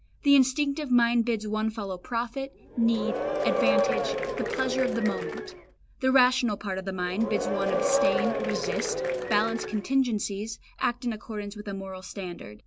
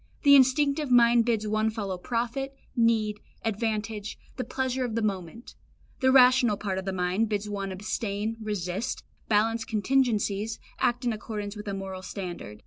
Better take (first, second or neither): second